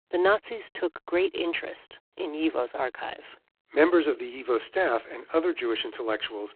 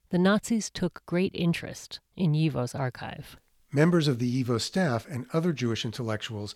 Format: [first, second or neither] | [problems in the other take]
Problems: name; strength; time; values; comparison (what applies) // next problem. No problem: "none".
second | phone-call audio; poor line